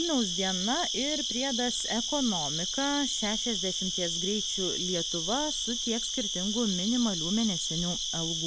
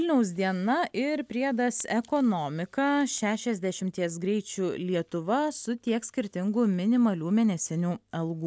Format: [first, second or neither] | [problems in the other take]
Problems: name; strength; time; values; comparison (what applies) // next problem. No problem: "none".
second | background sound (Cricket); as loud as the speech